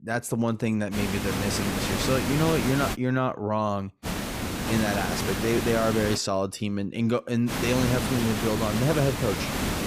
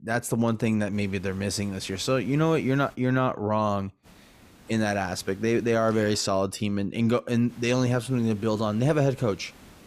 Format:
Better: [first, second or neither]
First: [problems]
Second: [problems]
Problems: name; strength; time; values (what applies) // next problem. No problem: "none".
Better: second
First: hiss; loud; from 1 to 3 s, from 4 to 6 s and from 7.5 s on; 3 dB below the speech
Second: hiss; faint; from 1 to 3 s, from 4 to 6 s and from 7.5 s on; 25 dB below the speech